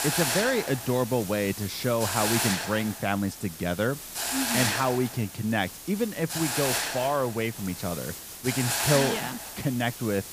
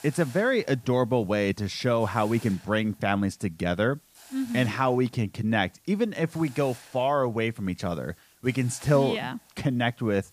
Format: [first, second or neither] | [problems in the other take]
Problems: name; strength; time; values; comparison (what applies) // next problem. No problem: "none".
second | hiss; loud; throughout; 2 dB below the speech; faint in the second